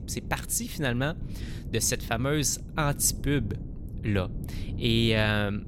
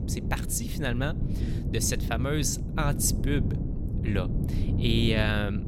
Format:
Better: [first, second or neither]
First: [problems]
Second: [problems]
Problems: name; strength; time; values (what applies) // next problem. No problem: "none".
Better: first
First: wind noise on the microphone; occasional gusts; 20 dB below the speech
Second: wind noise on the microphone; heavy; 9 dB below the speech